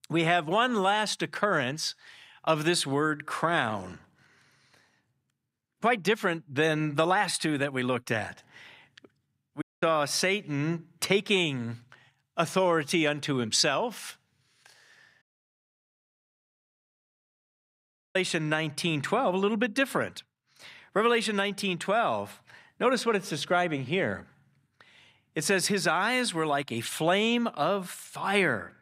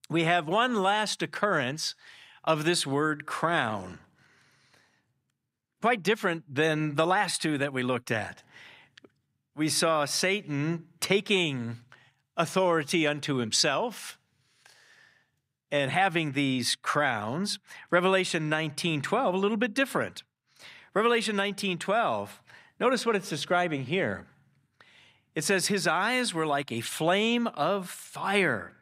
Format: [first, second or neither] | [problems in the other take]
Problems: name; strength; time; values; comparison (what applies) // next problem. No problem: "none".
second | audio cutting out; at 9.5 s and at 15 s for 3 s